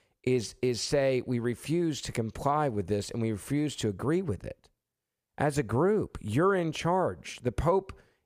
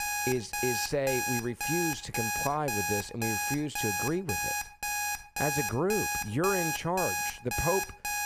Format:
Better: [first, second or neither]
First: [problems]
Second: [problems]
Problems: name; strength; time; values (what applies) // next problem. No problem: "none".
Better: first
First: none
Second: alarm; loud; peak 2 dB above the speech